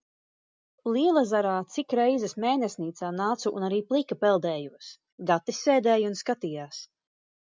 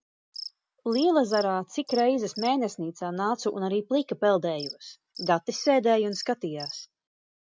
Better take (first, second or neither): first